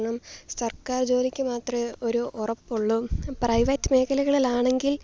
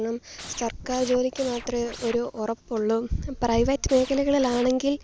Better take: first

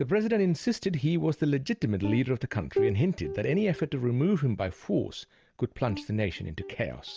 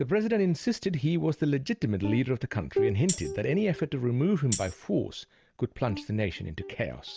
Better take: first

